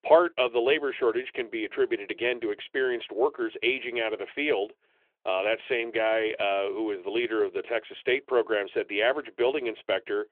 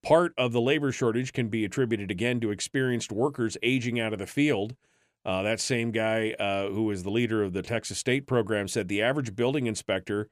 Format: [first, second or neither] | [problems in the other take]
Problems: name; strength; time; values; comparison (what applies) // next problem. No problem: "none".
second | phone-call audio; nothing above 3.5 kHz